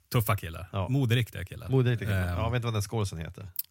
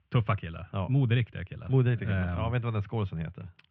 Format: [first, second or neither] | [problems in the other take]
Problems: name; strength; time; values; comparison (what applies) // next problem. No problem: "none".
first | muffled; very; fading above 3 kHz